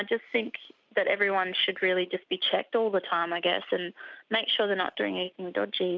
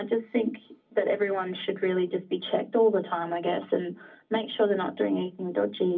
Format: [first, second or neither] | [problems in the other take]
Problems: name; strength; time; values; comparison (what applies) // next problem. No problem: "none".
first | room echo; dies away in 0.4 s